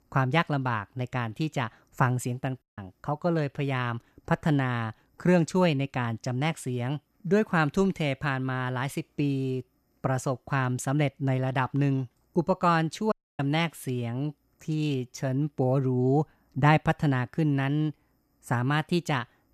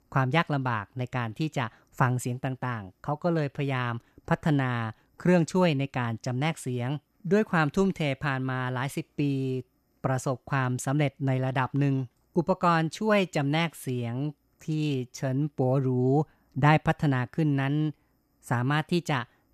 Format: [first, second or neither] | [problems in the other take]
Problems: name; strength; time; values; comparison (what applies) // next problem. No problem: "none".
second | audio cutting out; at 2.5 s and at 13 s